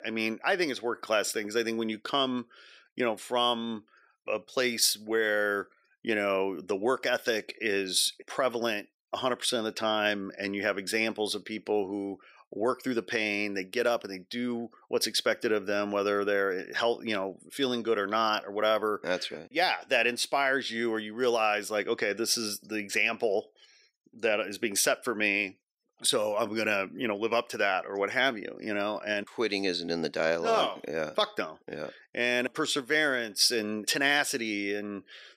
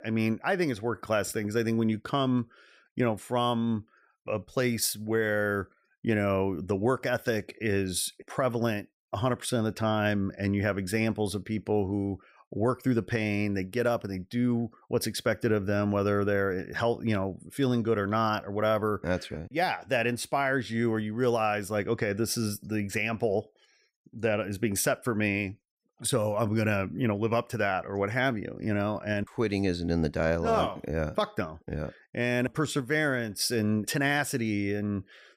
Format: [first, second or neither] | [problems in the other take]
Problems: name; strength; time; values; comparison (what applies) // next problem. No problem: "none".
second | thin; somewhat; fading below 350 Hz